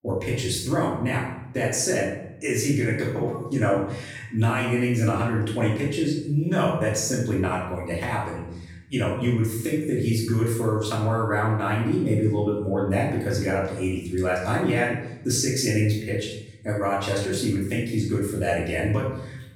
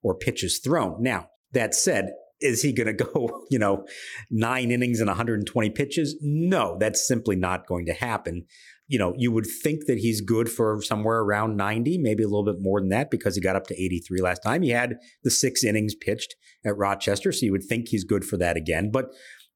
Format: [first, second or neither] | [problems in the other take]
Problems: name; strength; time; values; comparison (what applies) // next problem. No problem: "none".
second | off-mic speech; far // room echo; noticeable; dies away in 0.8 s